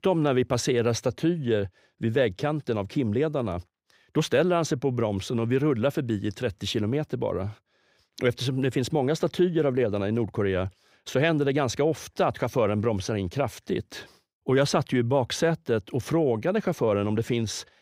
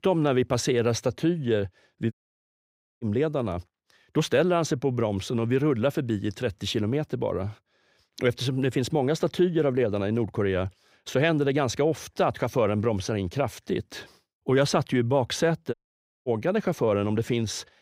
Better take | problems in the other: first | audio cutting out; at 2 s for 1 s and at 16 s for 0.5 s

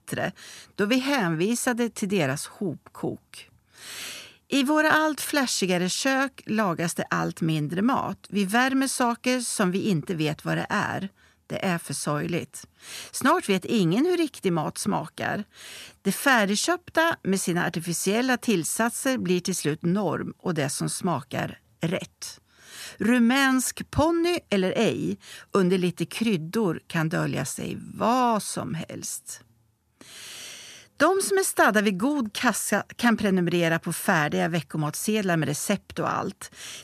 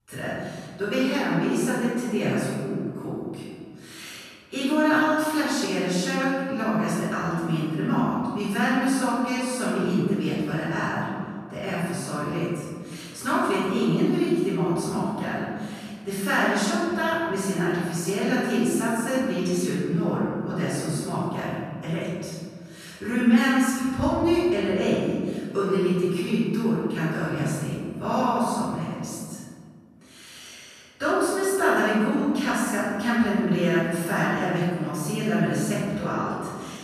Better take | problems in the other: first | off-mic speech; far // room echo; strong; dies away in 1.8 s

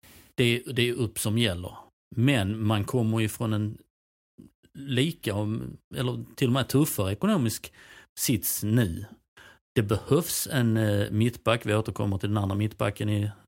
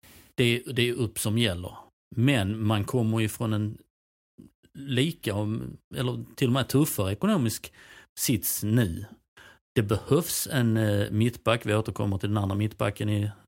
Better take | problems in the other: neither | none

